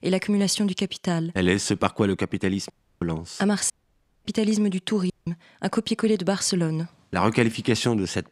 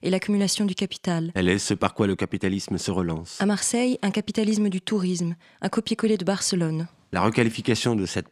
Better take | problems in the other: second | audio cutting out; at 2.5 s, at 3.5 s for 0.5 s and at 5 s

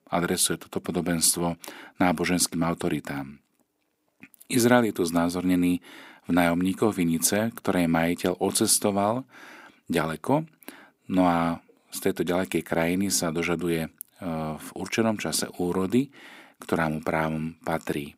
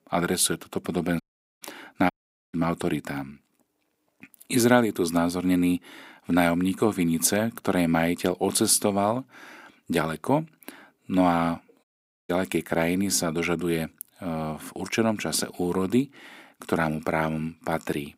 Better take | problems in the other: first | audio cutting out; at 1 s, at 2 s and at 12 s

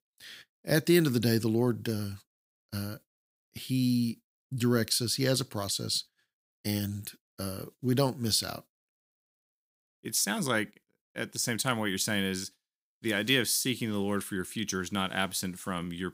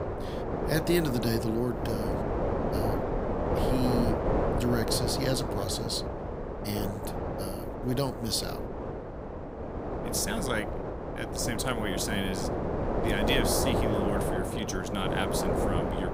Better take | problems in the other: first | wind noise on the microphone; heavy; 1 dB above the speech

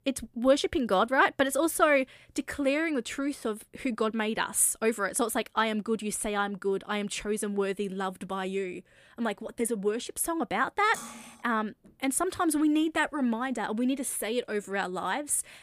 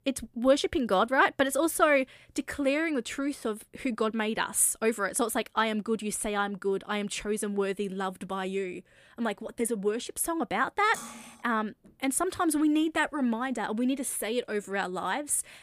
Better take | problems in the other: neither | clattering dishes; faint; at 11 s; peak 10 dB below the speech; the same in both

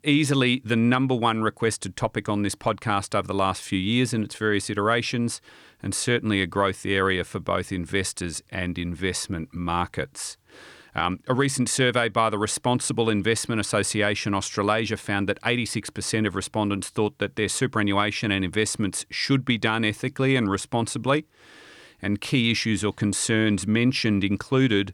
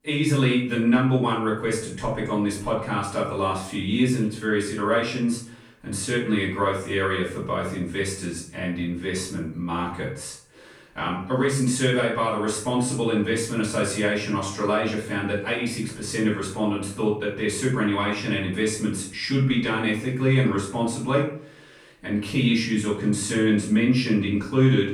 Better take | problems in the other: first | room echo; noticeable; dies away in 0.5 s // off-mic speech; far

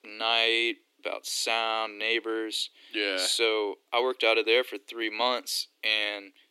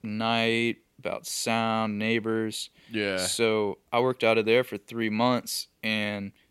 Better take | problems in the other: second | thin; very; fading below 300 Hz

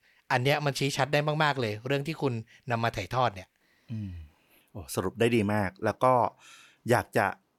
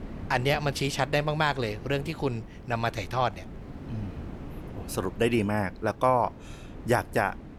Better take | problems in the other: first | wind noise on the microphone; occasional gusts; 20 dB below the speech

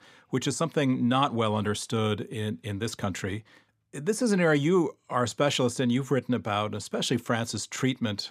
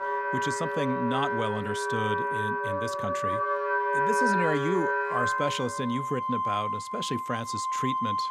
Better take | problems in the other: first | background music; very loud; throughout; 3 dB above the speech

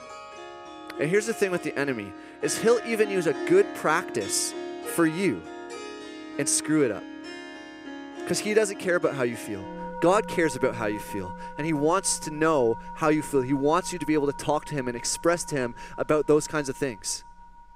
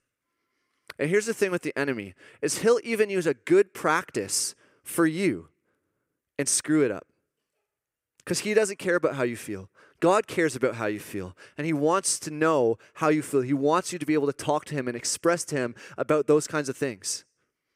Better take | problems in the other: second | background music; noticeable; throughout; 15 dB below the speech

